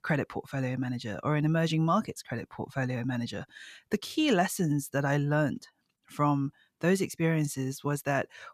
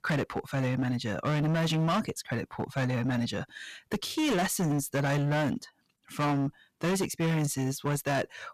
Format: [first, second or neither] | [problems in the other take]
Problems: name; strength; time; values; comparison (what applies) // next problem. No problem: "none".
first | distortion; heavy; 20% of the sound clipped